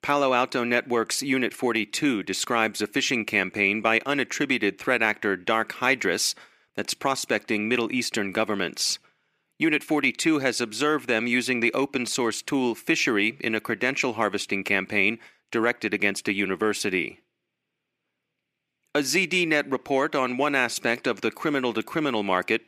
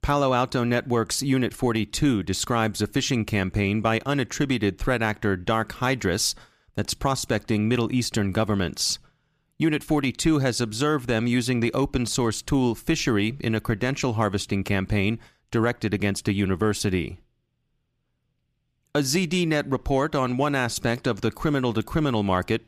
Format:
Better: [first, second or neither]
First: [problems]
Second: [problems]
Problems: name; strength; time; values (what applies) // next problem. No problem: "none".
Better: second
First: thin; very slightly; fading below 300 Hz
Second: none